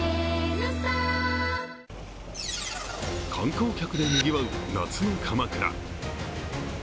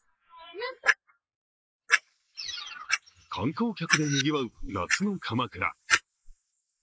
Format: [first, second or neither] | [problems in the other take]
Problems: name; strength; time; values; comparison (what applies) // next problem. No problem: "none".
first | noise reduction (neural mask model Resemble Enhance denoiser)